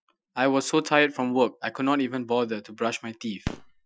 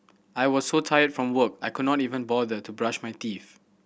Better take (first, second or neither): second